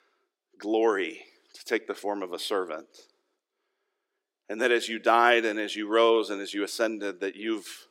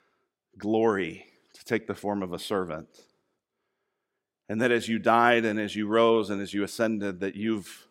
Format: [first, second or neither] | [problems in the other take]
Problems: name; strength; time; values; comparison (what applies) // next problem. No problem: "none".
second | thin; somewhat; fading below 350 Hz